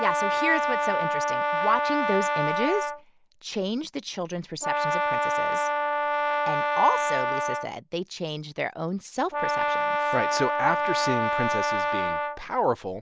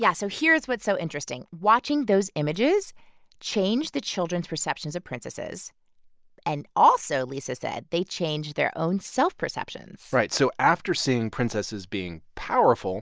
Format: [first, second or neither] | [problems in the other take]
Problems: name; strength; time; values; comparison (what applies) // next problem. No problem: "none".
second | background sound (Brass instrument); 3 dB above the speech